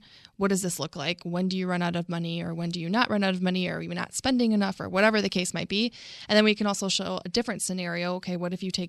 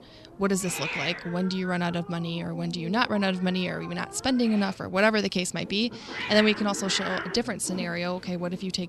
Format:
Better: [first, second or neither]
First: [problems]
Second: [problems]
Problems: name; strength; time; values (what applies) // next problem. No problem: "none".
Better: first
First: none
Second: hiss; noticeable; throughout; 10 dB below the speech